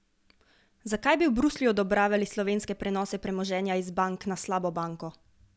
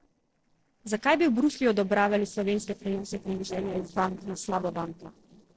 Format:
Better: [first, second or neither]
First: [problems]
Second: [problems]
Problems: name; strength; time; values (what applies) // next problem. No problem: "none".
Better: first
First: none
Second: noise reduction (neural separator model SepFormer DNS4)